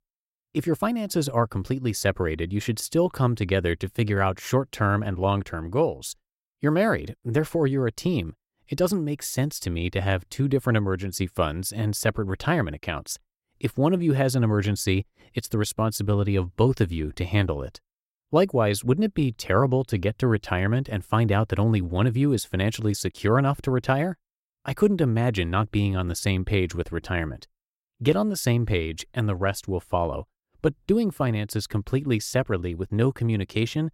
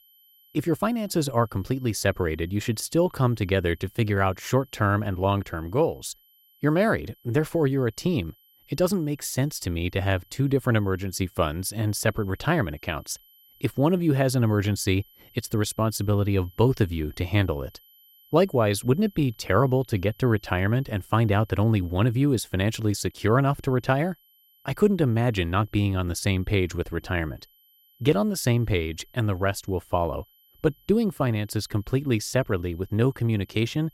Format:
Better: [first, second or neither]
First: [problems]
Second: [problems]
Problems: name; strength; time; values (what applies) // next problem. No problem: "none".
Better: first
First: none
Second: high-pitched whine; faint; throughout; 12 kHz, 30 dB below the speech